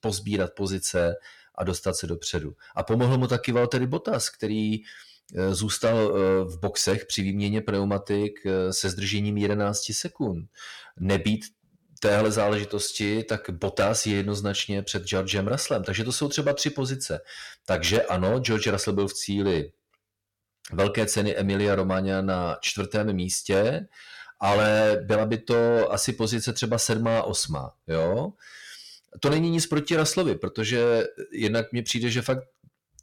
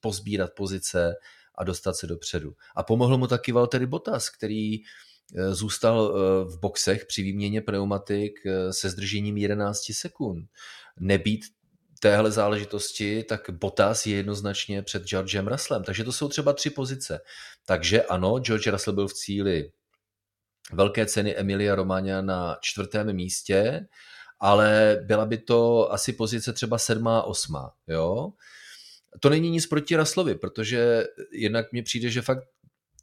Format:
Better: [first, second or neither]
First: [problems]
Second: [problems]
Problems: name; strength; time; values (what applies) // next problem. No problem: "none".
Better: second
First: distortion; slight; 10 dB below the speech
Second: none